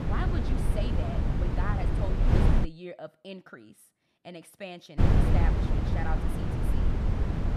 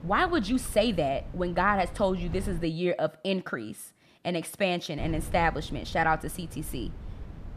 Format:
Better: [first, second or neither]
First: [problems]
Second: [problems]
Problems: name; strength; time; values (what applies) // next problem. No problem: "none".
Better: second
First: wind noise on the microphone; heavy; until 2.5 s and from 5 s on; 3 dB above the speech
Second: wind noise on the microphone; occasional gusts; until 2.5 s and from 5 s on; 25 dB below the speech